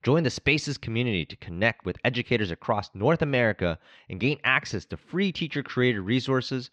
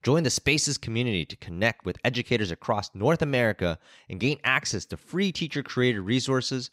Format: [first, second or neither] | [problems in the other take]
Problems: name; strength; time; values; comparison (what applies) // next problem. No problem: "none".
second | muffled; slightly; fading above 3 kHz